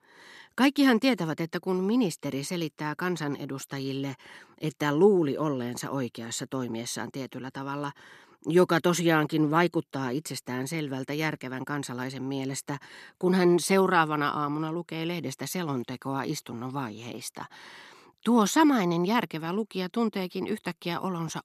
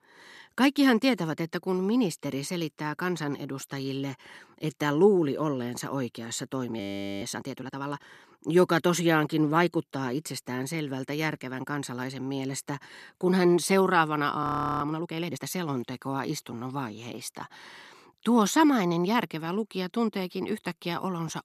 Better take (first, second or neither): first